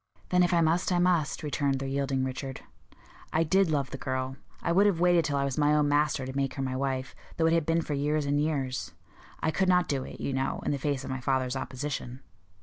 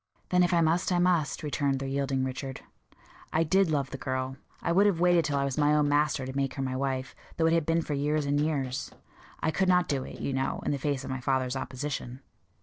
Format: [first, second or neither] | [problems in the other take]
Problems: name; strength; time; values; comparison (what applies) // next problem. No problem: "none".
first | noise reduction (neural separator model SepFormer DNS4)